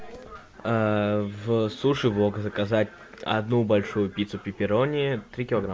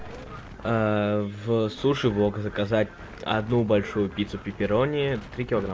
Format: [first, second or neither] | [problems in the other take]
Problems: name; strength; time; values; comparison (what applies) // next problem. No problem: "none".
first | background sound (Wind); 18 dB below the speech